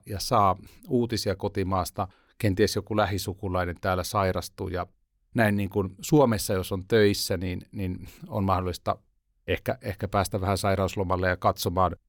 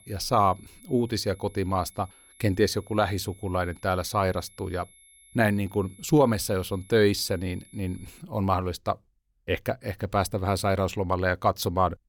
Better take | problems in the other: first | high-pitched whine; faint; until 8 s; 11 kHz, 25 dB below the speech

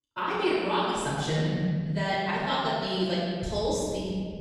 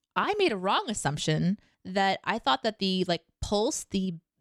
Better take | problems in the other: second | off-mic speech; far // room echo; strong; dies away in 2.4 s

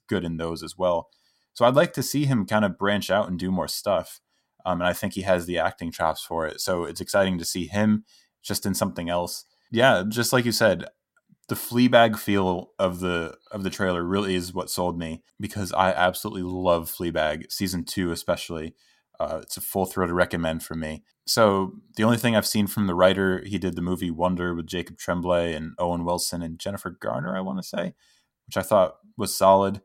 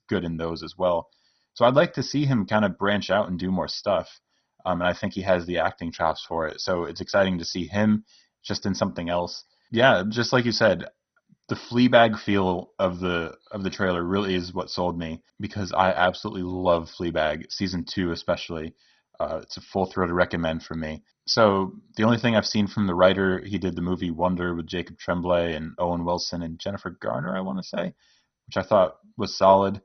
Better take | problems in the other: first | garbled, watery; badly; nothing above 6 kHz

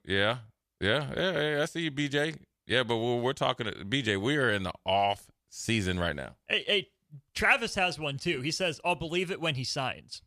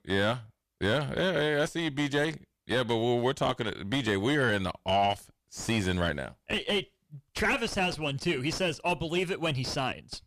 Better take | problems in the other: first | distortion; heavy; 7 dB below the speech

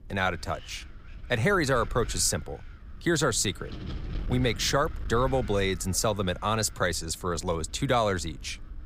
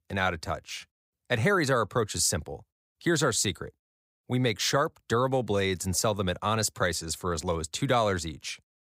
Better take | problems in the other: second | wind noise on the microphone; occasional gusts; 20 dB below the speech

